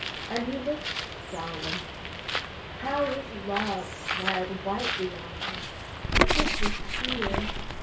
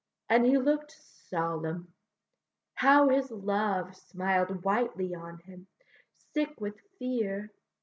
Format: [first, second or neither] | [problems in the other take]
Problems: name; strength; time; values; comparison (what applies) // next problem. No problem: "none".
second | background sound (Bird); 4 dB above the speech // room echo; dies away in 0.2 s